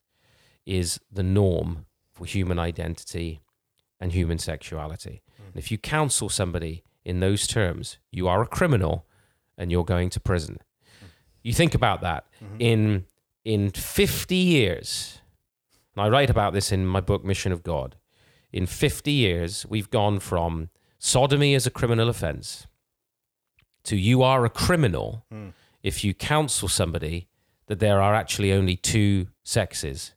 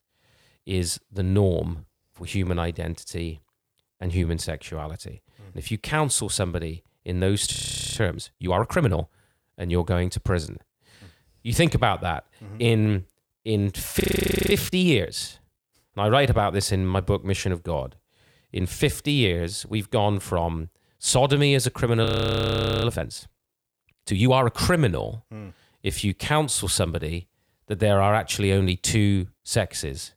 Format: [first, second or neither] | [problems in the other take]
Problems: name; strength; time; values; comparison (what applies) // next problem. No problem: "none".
first | audio freezing; at 7.5 s, at 14 s for 0.5 s and at 22 s for 1 s